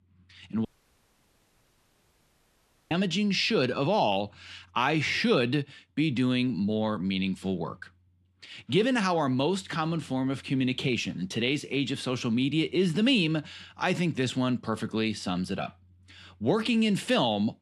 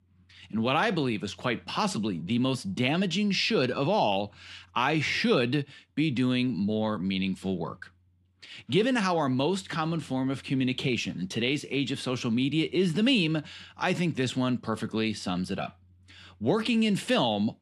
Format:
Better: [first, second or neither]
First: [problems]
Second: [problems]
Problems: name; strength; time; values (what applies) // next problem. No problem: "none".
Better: second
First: audio cutting out; at 0.5 s for 2.5 s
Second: none